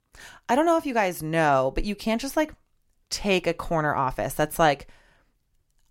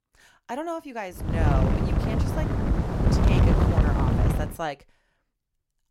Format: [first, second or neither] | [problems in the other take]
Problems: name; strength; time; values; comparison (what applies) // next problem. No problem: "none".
first | wind noise on the microphone; heavy; from 1.5 to 4.5 s; 2 dB above the speech